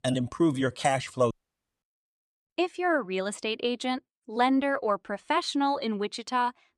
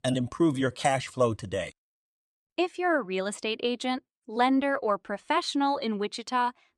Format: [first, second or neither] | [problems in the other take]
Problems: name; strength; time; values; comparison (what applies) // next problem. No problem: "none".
second | audio cutting out; at 1.5 s for 0.5 s